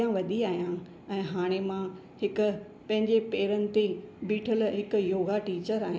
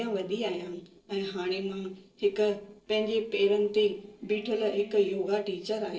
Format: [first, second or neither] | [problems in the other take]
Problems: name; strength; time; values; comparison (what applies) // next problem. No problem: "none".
first | noise reduction (neural separator model SepFormer DNS4)